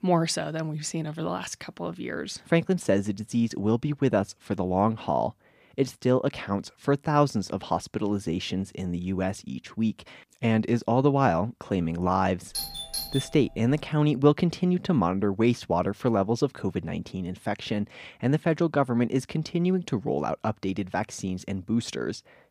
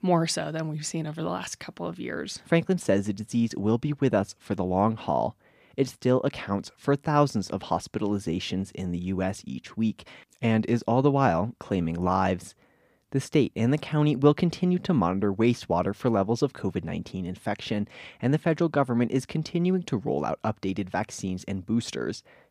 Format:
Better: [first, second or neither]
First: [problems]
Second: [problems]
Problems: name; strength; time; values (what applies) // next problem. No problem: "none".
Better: second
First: doorbell; noticeable; from 13 to 14 s; peak 5 dB below the speech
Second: none